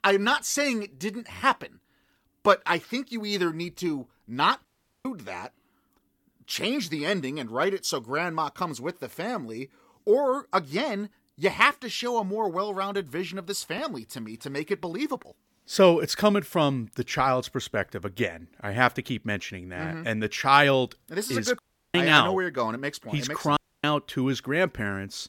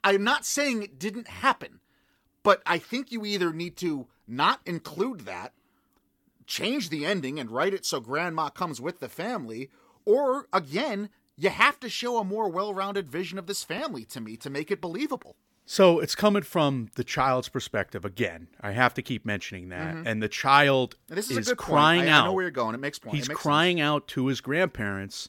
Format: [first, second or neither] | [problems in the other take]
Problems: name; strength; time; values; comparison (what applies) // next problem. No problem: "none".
second | audio cutting out; at 4.5 s, at 22 s and at 24 s